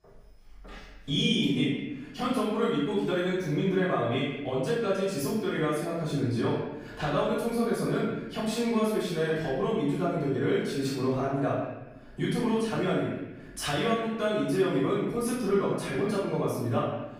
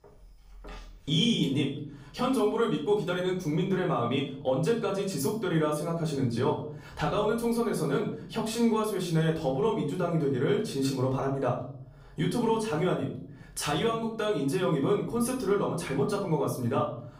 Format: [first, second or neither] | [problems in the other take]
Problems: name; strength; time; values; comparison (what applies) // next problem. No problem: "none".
second | room echo; strong; dies away in 1.1 s; slight in the second // off-mic speech; far; far in the second